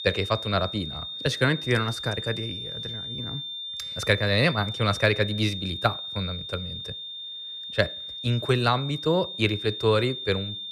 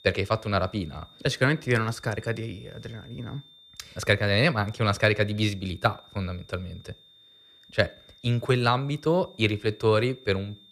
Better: second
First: high-pitched whine; loud; throughout; 3.5 kHz, 7 dB below the speech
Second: high-pitched whine; faint; throughout; 3.5 kHz, 25 dB below the speech

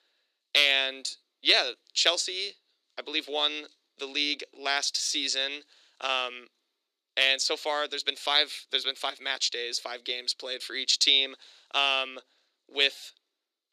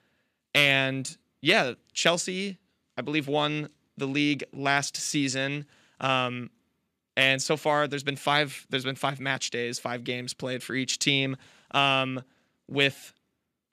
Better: second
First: thin; somewhat; fading below 350 Hz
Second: none

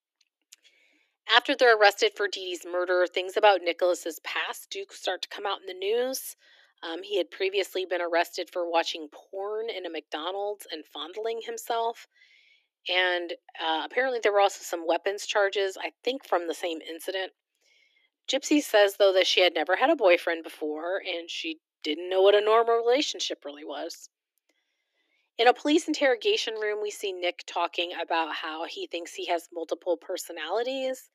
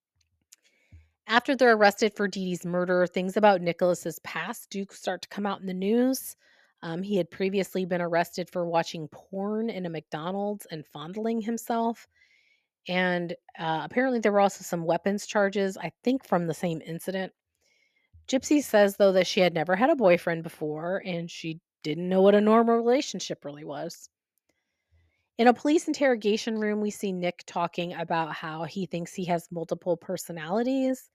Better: second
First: thin; somewhat; fading below 300 Hz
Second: none

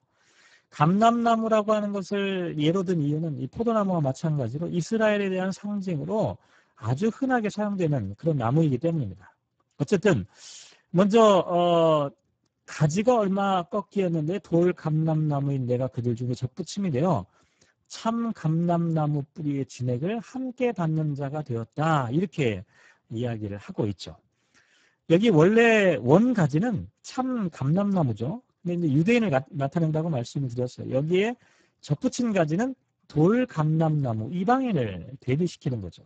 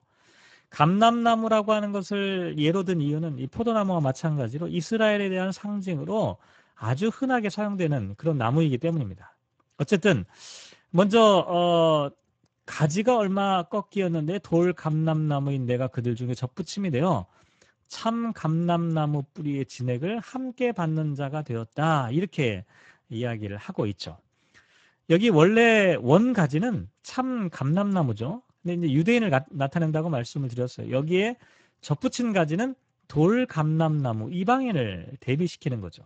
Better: second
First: garbled, watery; badly; nothing above 7.5 kHz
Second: garbled, watery; slightly; nothing above 7.5 kHz

